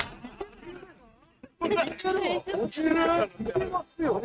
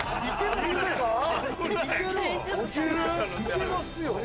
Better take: second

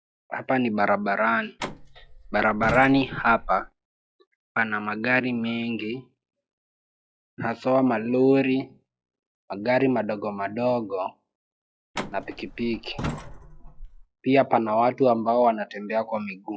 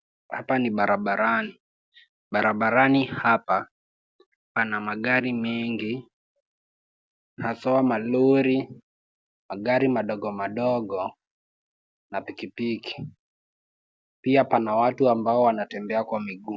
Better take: second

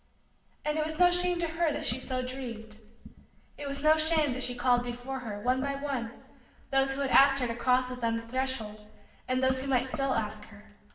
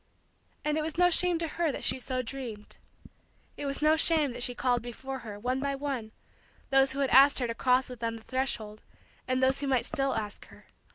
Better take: second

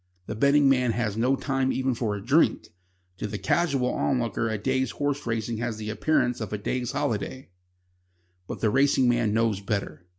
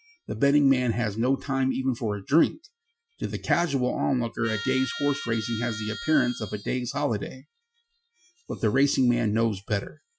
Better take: first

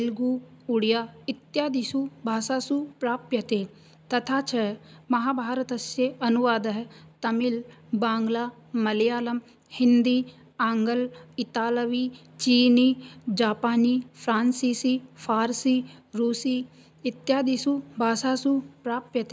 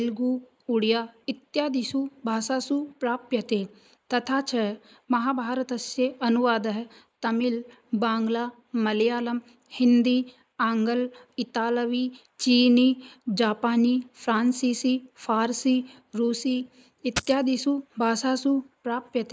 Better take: first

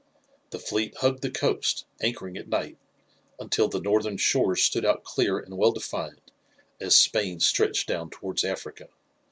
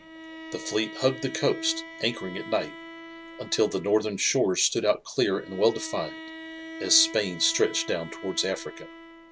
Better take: first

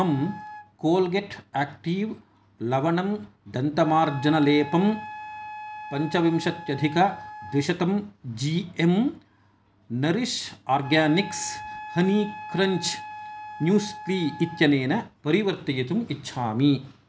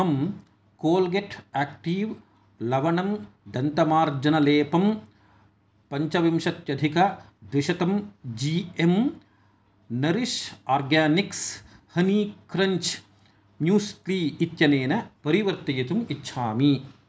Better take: second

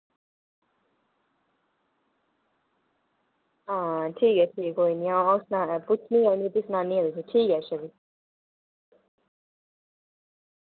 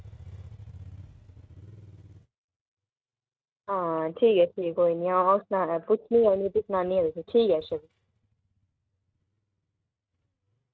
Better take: first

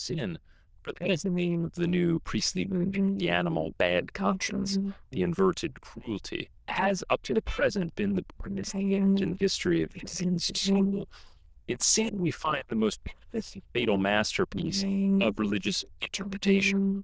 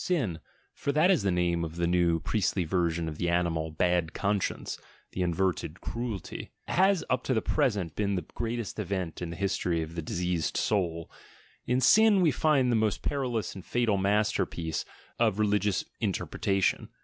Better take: second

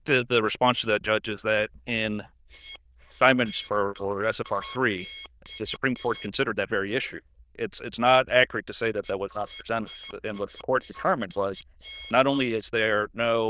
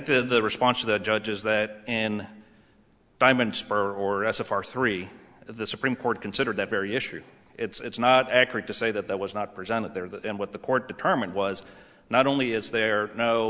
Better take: second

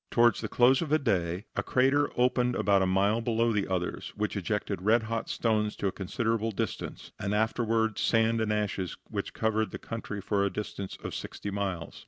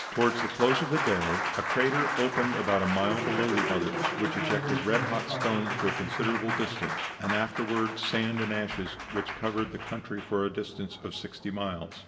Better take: first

